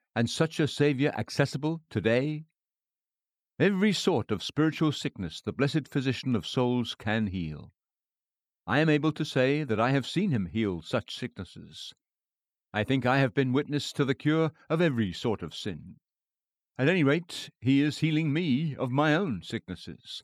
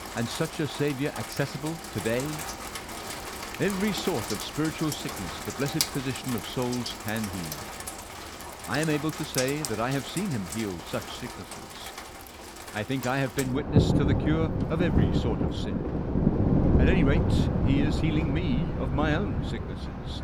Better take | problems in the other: first | rain or running water; very loud; throughout; as loud as the speech

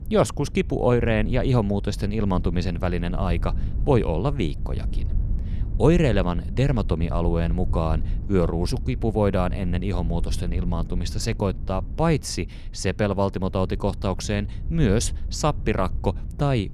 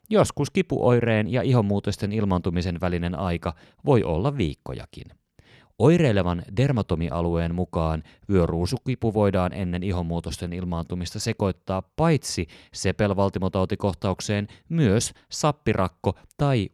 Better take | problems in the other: second | wind noise on the microphone; occasional gusts; 20 dB below the speech

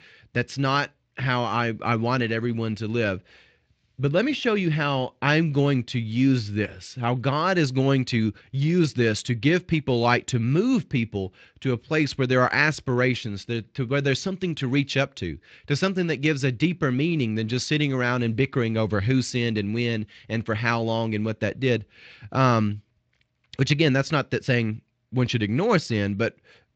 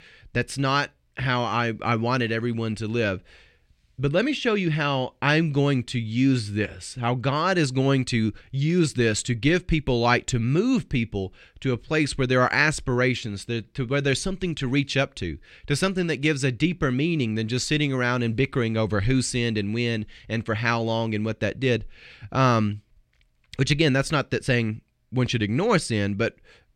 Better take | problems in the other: second | garbled, watery; slightly; nothing above 7.5 kHz

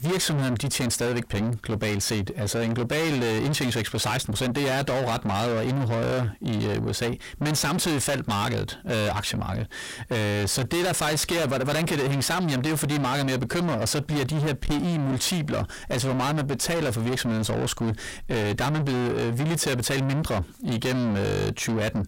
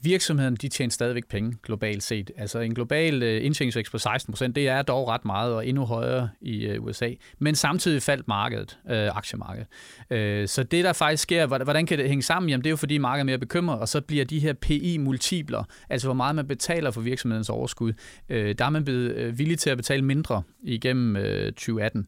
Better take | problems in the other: second | distortion; heavy; 5 dB below the speech

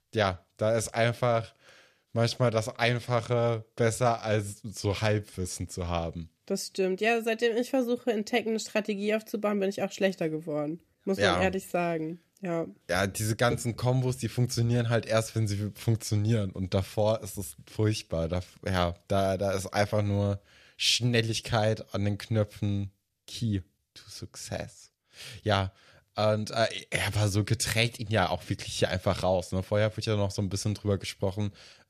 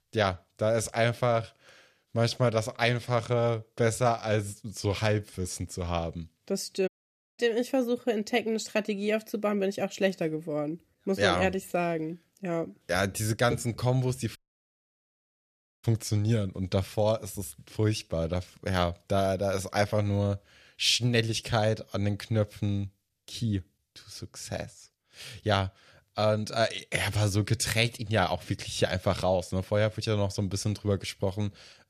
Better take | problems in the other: first | audio cutting out; at 7 s for 0.5 s and at 14 s for 1.5 s

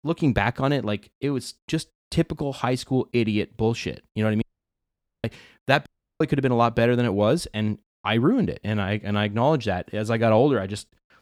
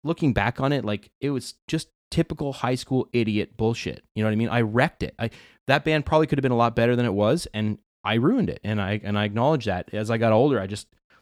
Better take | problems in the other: second | audio cutting out; at 4.5 s for 1 s and at 6 s

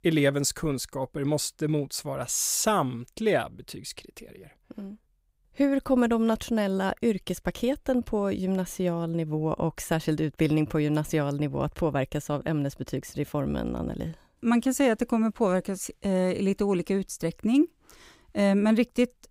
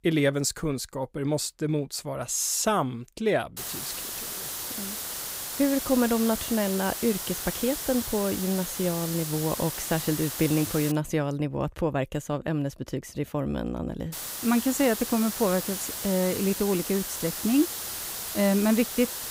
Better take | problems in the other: first | hiss; loud; from 3.5 to 11 s and from 14 s on; 5 dB below the speech

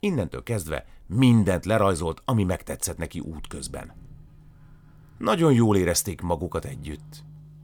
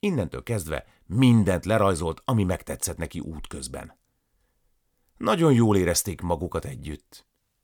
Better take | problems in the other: second | household noises; faint; throughout; 30 dB below the speech

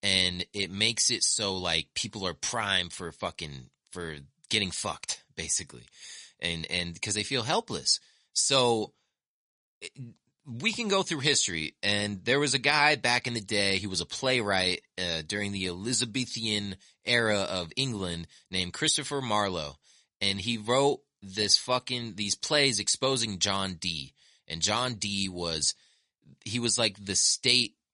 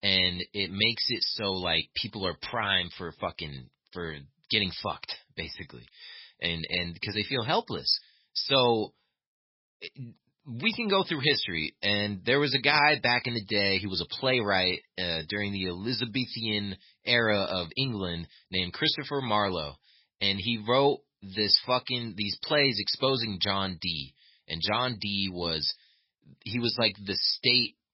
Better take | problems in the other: first | garbled, watery; badly; nothing above 5.5 kHz; slightly in the first

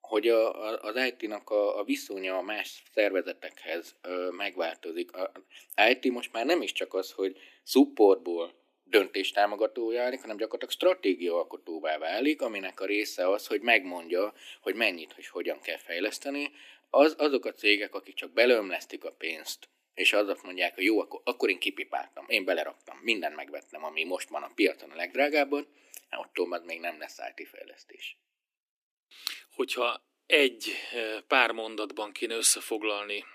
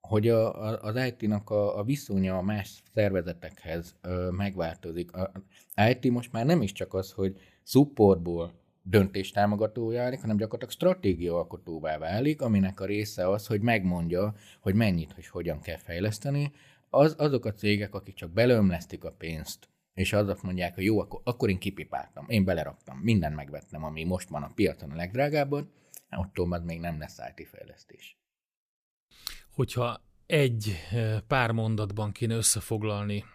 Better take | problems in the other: second | thin; somewhat; fading below 250 Hz

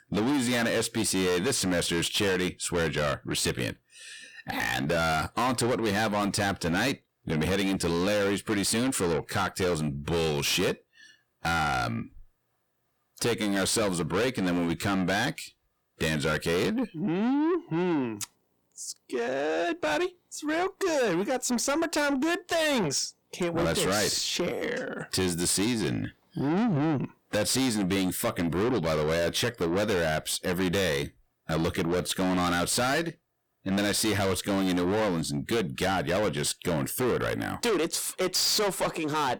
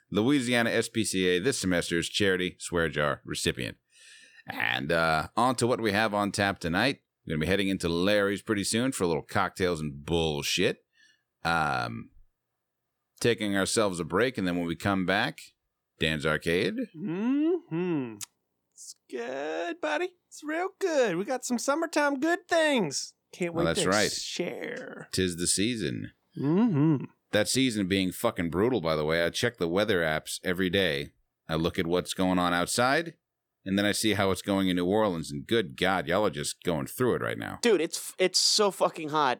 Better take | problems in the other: second | distortion; heavy; 6 dB below the speech

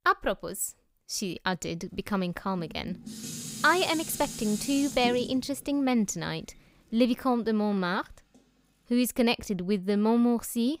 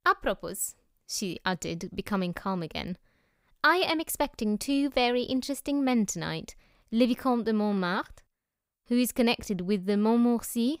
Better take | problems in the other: second | clattering dishes; noticeable; from 2.5 to 5.5 s; peak 7 dB below the speech

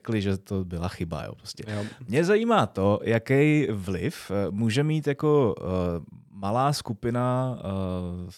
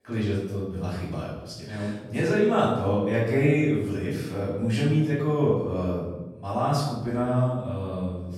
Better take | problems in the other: first | off-mic speech; far // room echo; noticeable; dies away in 0.8 s

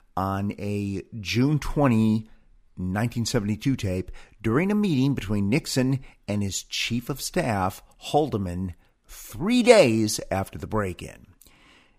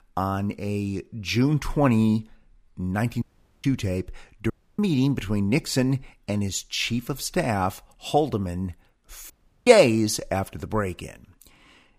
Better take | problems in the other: first | audio cutting out; at 3 s, at 4.5 s and at 9.5 s

